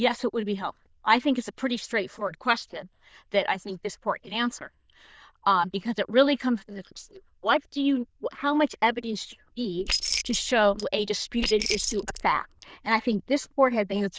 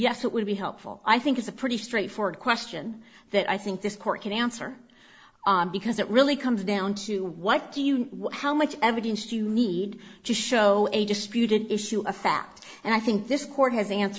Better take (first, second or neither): second